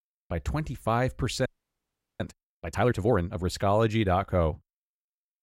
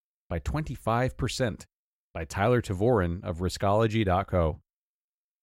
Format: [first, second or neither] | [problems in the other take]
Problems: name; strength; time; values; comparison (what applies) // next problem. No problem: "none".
second | audio freezing; at 1.5 s for 0.5 s